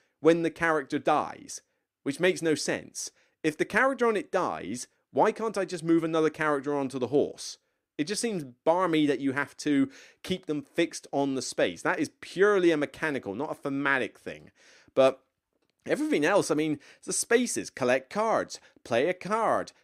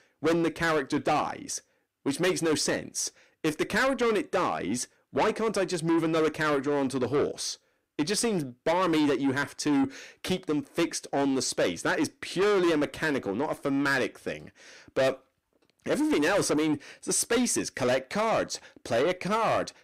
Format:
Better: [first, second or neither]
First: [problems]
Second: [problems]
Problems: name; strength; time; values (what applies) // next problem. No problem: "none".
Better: first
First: none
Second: distortion; heavy; 6 dB below the speech